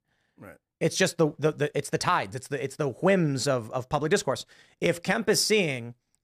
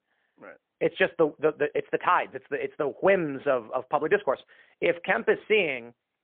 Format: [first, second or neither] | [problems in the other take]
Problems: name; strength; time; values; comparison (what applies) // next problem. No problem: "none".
first | phone-call audio; poor line